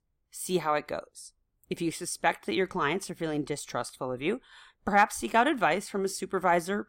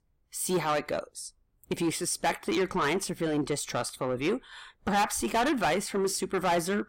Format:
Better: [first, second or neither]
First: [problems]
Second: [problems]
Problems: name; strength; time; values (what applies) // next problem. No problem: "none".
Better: first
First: none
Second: distortion; heavy; 6 dB below the speech